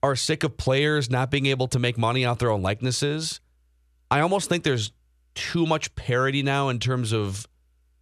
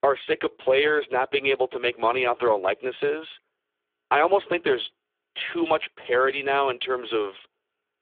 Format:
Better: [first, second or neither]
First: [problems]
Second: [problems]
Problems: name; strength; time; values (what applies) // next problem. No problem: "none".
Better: first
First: none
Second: phone-call audio; poor line; nothing above 3.5 kHz